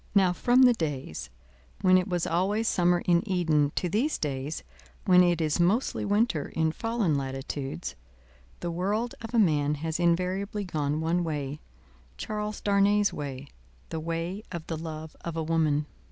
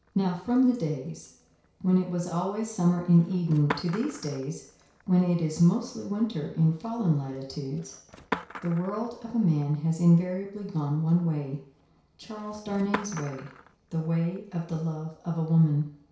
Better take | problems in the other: first | background sound (Skateboard); 17 dB below the speech // room echo; dies away in 0.6 s

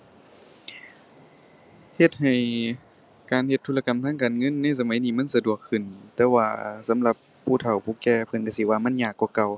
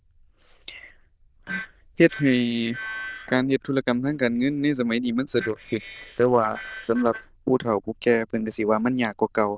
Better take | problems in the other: first | noise reduction (neural diffusion model UNIVERSE++)

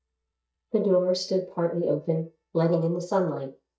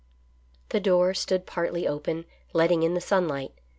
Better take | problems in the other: second | noise reduction (neural mask model DeepFilterNet 3)

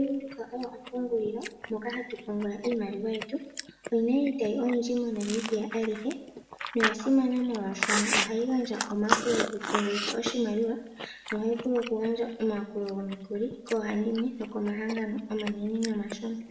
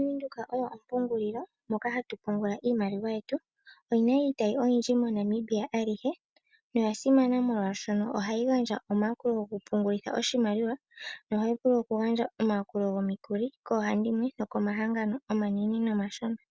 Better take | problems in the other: second | background sound (Chewing, mastication); 7 dB below the speech // room echo; dies away in 0.7 s

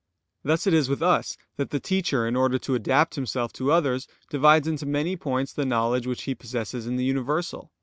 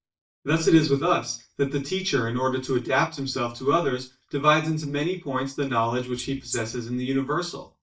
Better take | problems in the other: first | noise reduction (neural mask model DeepFilterNet 3)

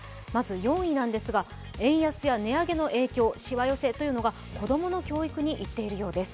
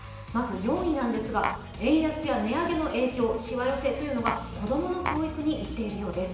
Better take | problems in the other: first | background sound (Tap); 5 dB below the speech // room echo; dies away in 1.1 s

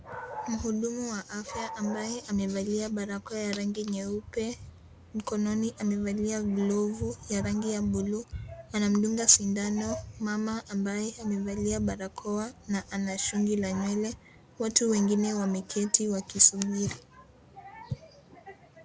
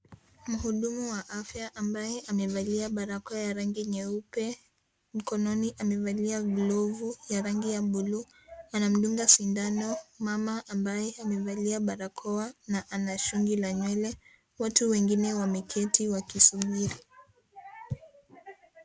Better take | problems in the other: second | background sound (Dog); 16 dB below the speech

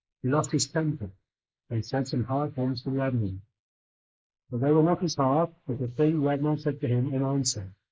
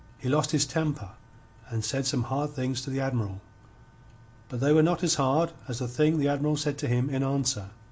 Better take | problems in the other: second | noise reduction (neural mask model Resemble Enhance denoiser)

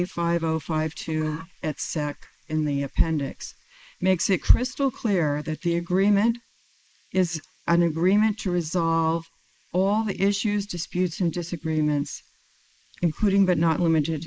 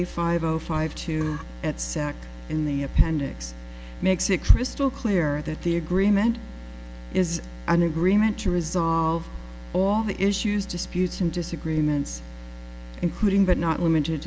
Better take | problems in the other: second | noise reduction (neural mask model Resemble Enhance denoiser)

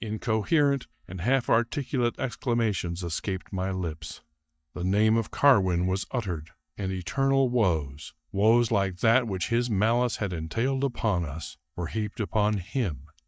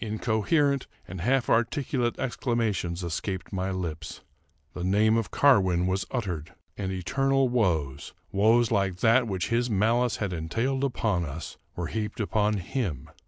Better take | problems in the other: second | noise reduction (neural mask model DeepFilterNet 3)

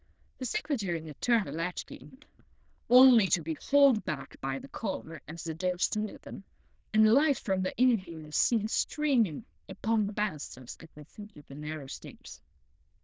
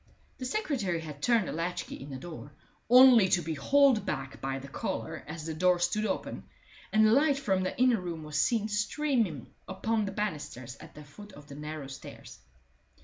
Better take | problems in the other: second | noise reduction (neural diffusion model UNIVERSE++)

